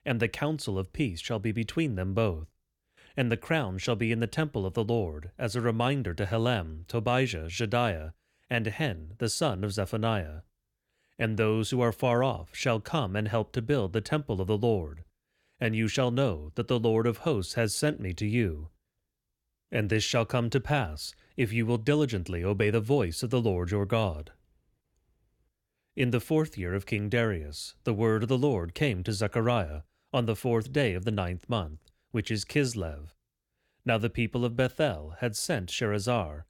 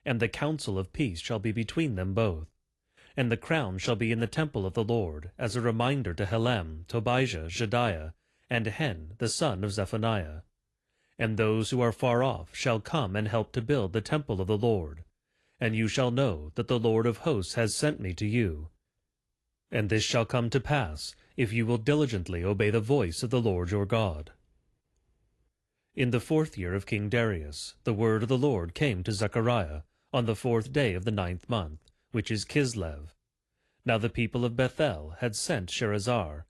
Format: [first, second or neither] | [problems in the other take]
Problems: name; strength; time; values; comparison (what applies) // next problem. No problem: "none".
first | garbled, watery; slightly